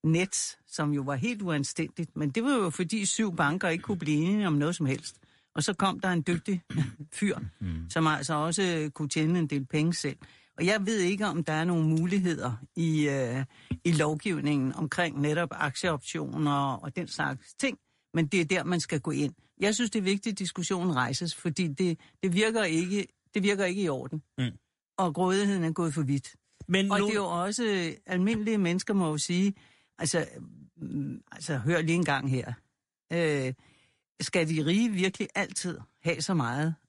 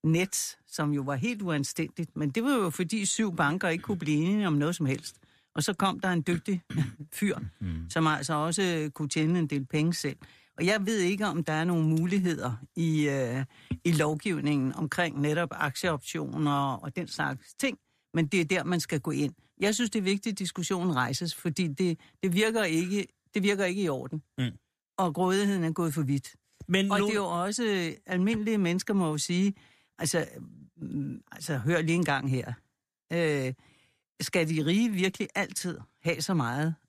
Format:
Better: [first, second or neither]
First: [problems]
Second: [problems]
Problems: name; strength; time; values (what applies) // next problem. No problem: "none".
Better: second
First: garbled, watery; slightly; nothing above 11 kHz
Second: none